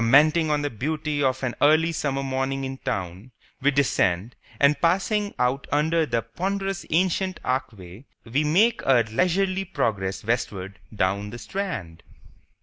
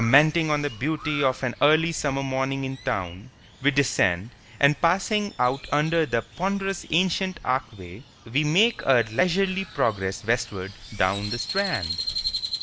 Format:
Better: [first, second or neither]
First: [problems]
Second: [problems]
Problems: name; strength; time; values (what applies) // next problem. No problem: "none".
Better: first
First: none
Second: background sound (Crow); 13 dB below the speech